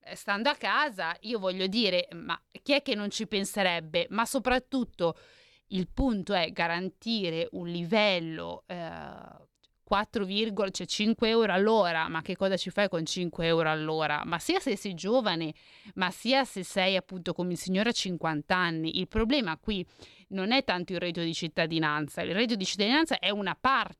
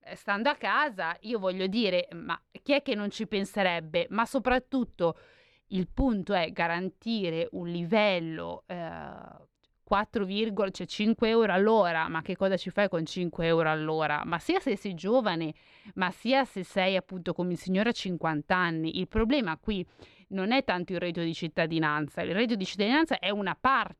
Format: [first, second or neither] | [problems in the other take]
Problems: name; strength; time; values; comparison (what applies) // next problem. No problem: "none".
first | muffled; slightly; fading above 3.5 kHz